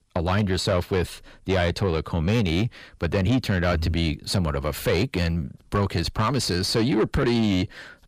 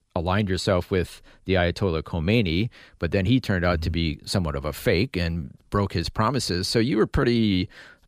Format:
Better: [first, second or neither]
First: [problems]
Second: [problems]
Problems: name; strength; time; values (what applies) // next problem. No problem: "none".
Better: second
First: distortion; slight; 10 dB below the speech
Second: none